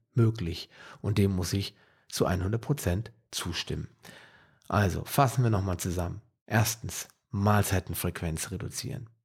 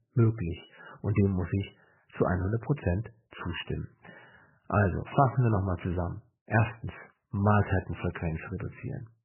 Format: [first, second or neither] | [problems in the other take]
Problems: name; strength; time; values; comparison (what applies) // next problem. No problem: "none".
first | garbled, watery; badly; nothing above 3 kHz